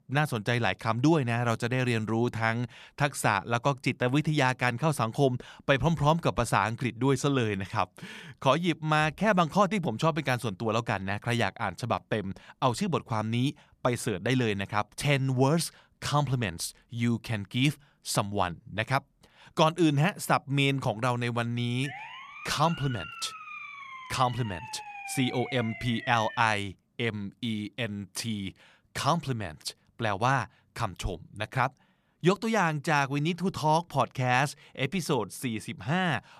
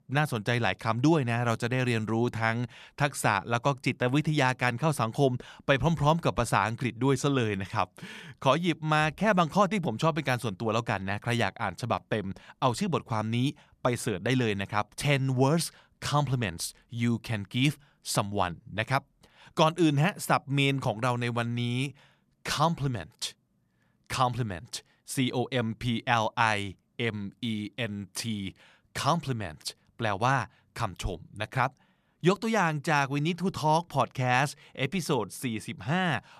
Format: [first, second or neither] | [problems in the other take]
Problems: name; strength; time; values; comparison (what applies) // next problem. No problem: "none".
second | siren; faint; from 22 to 26 s; peak 10 dB below the speech